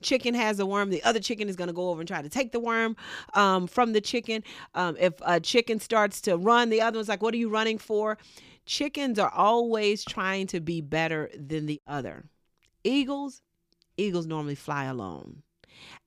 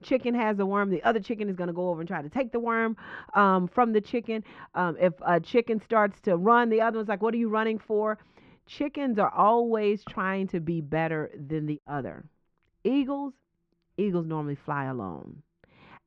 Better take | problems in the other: first | muffled; very; fading above 1.5 kHz

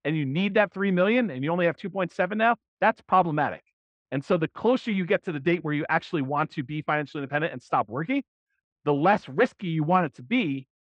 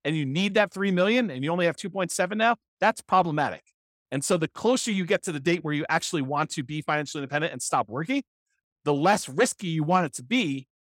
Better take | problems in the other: second | muffled; very; fading above 3 kHz

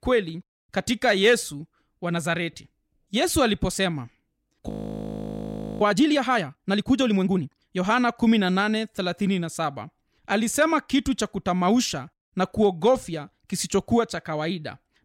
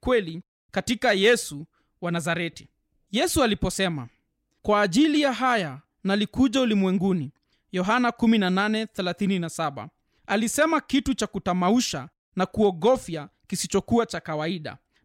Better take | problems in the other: second | audio freezing; at 4.5 s for 1 s

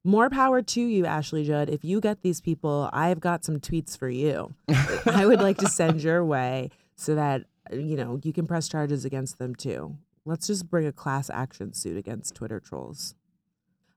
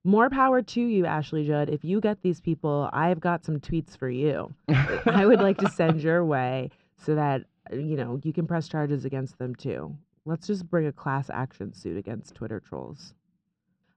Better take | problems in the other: first | muffled; slightly; fading above 3.5 kHz

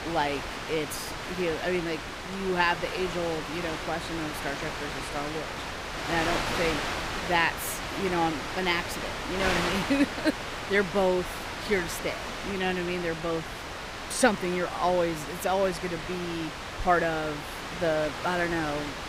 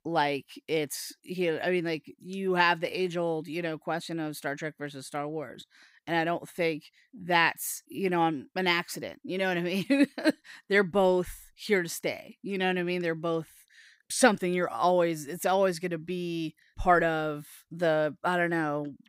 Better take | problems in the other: second | wind noise on the microphone; heavy; 4 dB below the speech

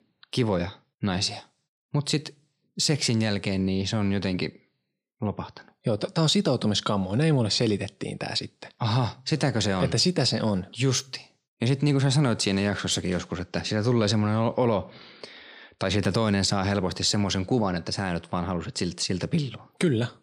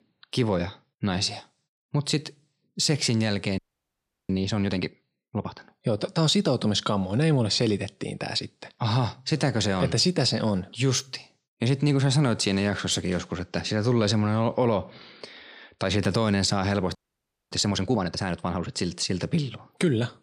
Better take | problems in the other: first | audio freezing; at 3.5 s for 0.5 s and at 17 s for 0.5 s

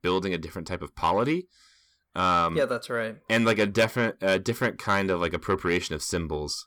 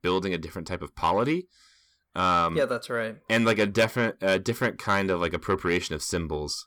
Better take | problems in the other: neither | distortion; slight; 10 dB below the speech; the same in both

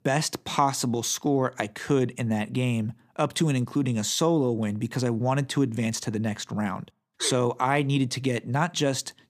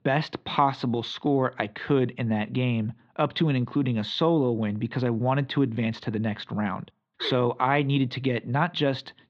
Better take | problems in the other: first | muffled; slightly; fading above 4 kHz

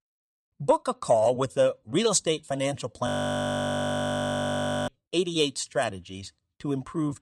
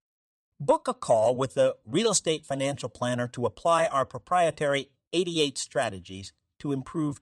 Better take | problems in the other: second | audio freezing; at 3 s for 2 s

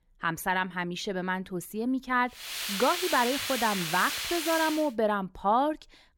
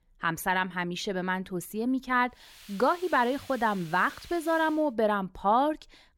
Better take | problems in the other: second | hiss; loud; from 2.5 to 5 s; 3 dB below the speech; faint in the second

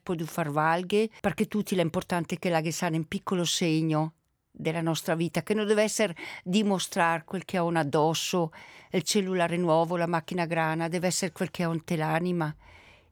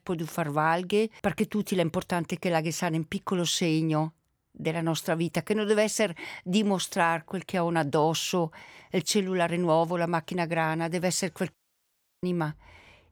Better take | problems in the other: first | audio cutting out; at 12 s for 0.5 s

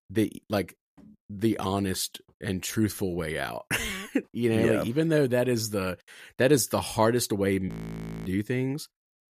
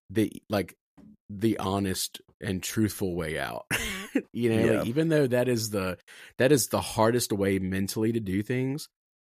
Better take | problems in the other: second | audio freezing; at 7.5 s for 0.5 s

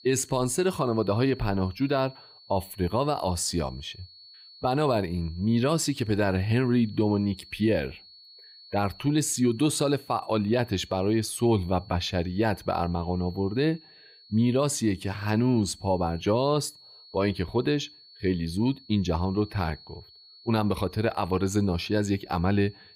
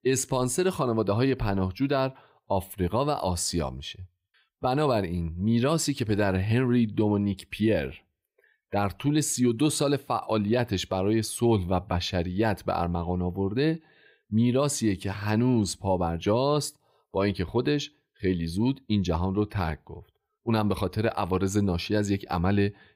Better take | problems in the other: second | high-pitched whine; faint; throughout; 4.5 kHz, 20 dB below the speech

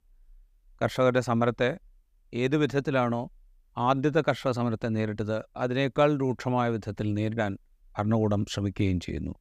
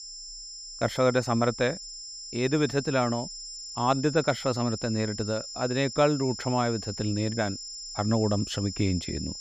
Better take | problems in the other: first | high-pitched whine; loud; throughout; 5 kHz, 9 dB below the speech

